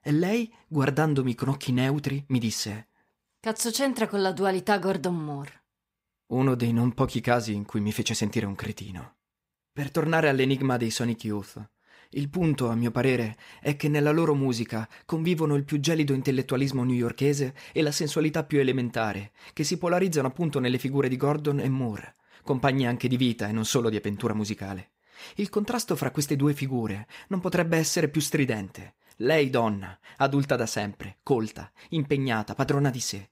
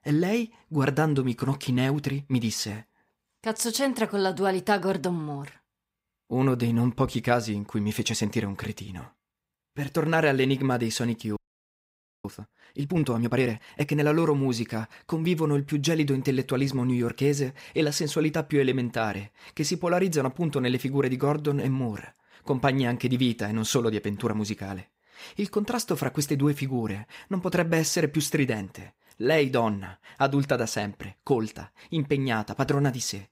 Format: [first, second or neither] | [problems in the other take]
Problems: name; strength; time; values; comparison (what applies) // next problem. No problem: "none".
first | audio freezing; at 11 s for 1 s